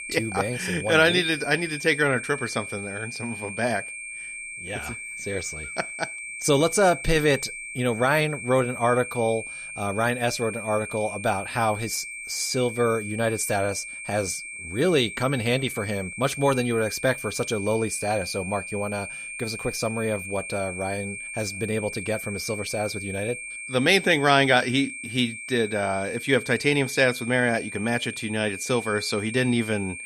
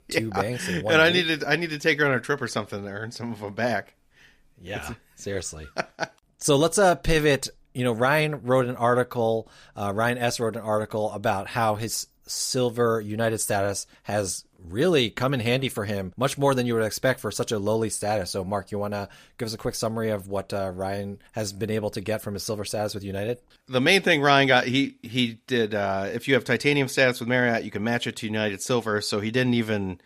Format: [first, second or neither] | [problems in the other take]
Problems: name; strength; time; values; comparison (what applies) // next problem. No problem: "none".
second | high-pitched whine; loud; throughout; 2.5 kHz, 9 dB below the speech